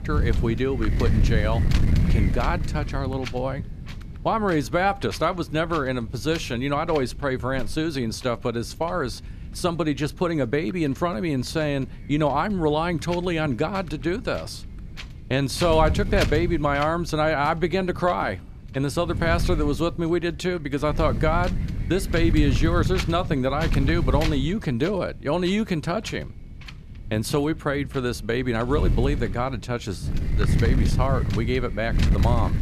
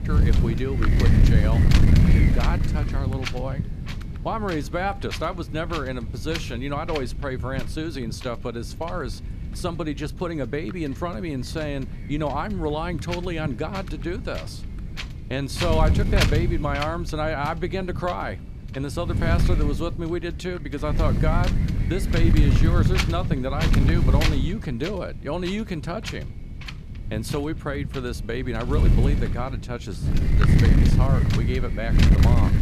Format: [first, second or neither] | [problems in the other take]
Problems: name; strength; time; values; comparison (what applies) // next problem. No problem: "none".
first | wind noise on the microphone; heavy; 2 dB below the speech; occasional gusts in the first